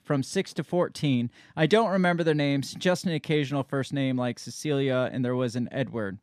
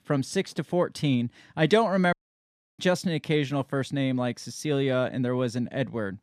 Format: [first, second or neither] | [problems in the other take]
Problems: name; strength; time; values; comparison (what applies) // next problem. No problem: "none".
first | audio cutting out; at 2 s for 0.5 s